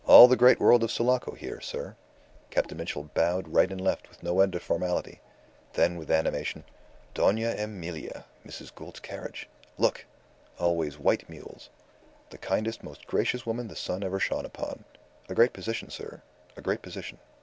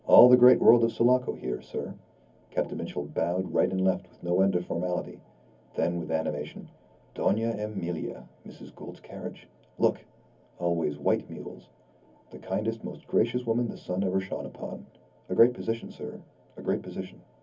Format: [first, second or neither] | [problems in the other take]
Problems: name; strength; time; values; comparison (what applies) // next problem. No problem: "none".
first | room echo; dies away in 0.3 s